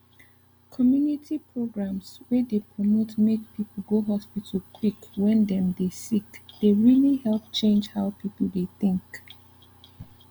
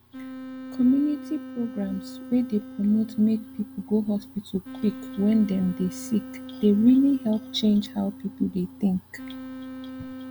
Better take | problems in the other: first | background sound (Wind instrument, woodwind instrument); 14 dB below the speech

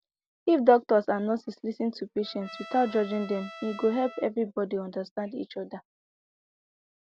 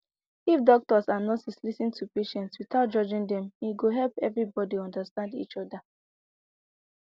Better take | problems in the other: second | background sound (Trumpet); 18 dB below the speech

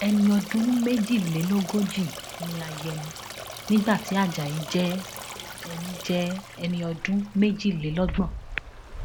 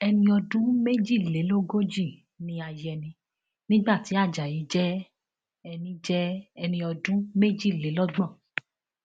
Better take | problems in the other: second | background sound (Stream); 12 dB below the speech

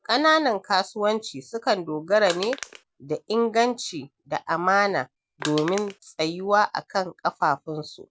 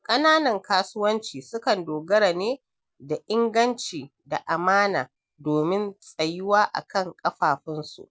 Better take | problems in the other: second | background sound (Crushing); 10 dB below the speech

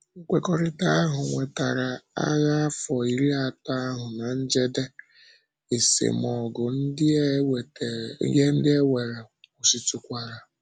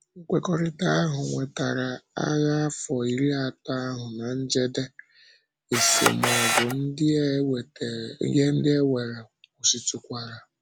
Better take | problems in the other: first | background sound (Camera); 2 dB above the speech

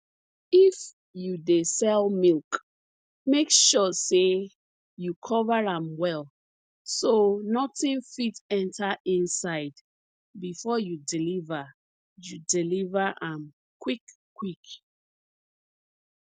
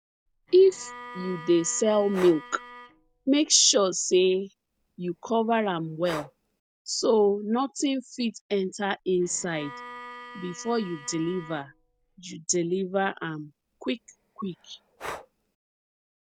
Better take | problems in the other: first | background sound (Breathing + Bowed string instrument); 17 dB below the speech

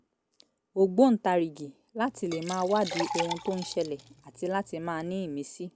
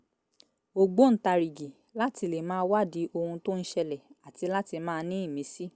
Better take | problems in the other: second | background sound (Liquid); 10 dB below the speech

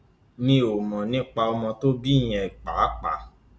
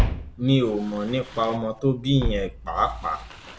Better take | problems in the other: first | background sound (Walk, footsteps); 6 dB below the speech

